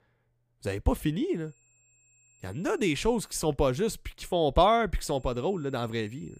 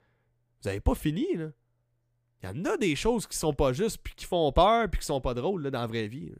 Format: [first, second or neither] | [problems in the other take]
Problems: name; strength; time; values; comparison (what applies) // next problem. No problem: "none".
second | high-pitched whine; faint; from 1.5 to 3.5 s and from 5 s on; 7.5 kHz, 30 dB below the speech